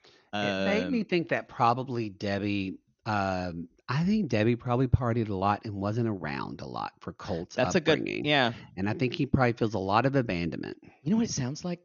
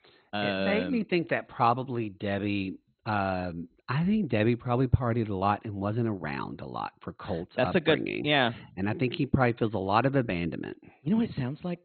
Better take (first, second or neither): first